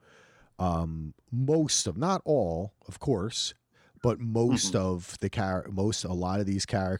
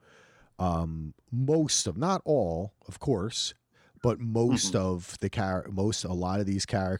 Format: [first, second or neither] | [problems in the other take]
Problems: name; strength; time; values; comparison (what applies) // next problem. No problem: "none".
neither | none